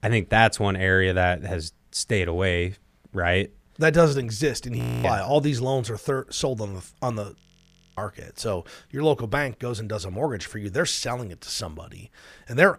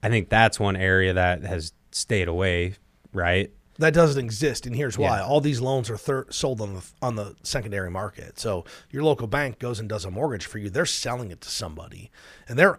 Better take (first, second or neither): second